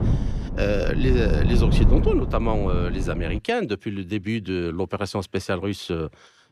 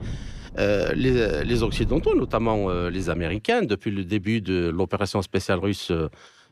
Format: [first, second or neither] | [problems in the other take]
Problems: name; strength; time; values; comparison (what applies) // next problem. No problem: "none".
second | low rumble; loud; until 3.5 s; 7 dB below the speech; faint in the second